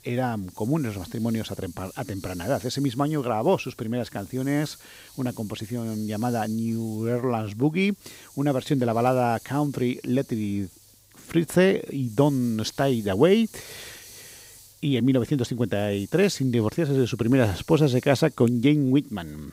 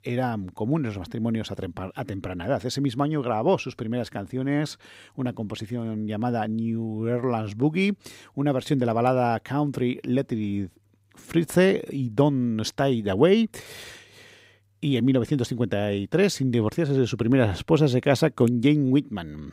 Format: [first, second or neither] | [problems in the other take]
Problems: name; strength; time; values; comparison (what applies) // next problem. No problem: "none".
second | hiss; faint; throughout; 20 dB below the speech